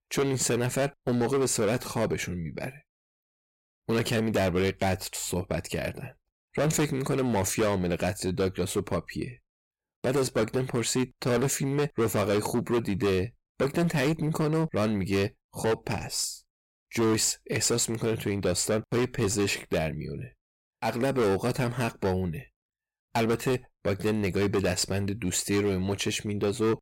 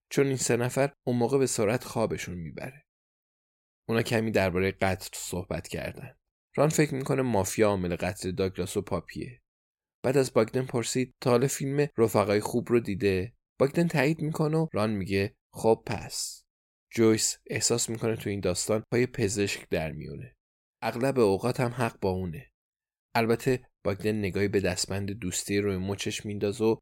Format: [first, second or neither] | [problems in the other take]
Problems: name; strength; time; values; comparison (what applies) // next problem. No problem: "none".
second | distortion; heavy; 13% of the sound clipped